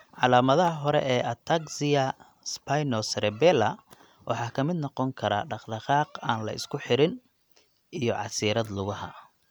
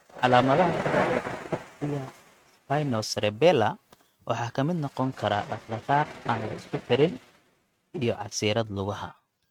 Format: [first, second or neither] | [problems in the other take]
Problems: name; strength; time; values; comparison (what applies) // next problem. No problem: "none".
first | noise reduction (neural mask model RNNoise)